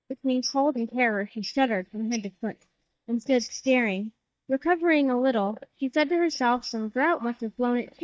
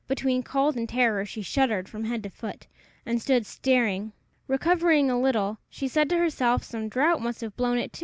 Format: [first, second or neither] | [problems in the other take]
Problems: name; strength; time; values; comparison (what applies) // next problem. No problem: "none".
second | noise reduction (neural mask model DeepFilterNet 3)